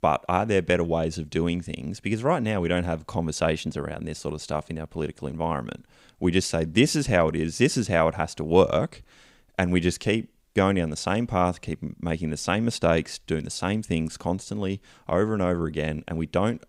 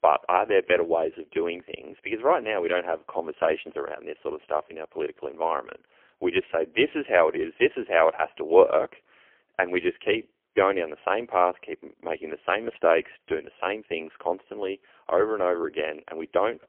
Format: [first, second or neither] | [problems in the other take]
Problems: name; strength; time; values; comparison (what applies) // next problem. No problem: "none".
first | phone-call audio; poor line; nothing above 3 kHz